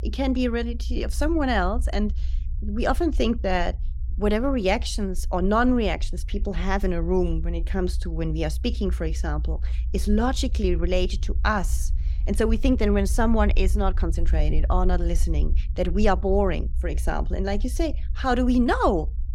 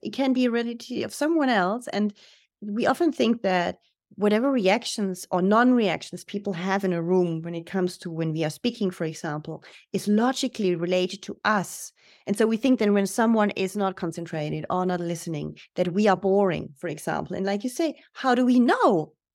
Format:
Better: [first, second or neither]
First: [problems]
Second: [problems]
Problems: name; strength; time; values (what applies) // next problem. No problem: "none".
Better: second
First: low rumble; faint; throughout; 25 dB below the speech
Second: none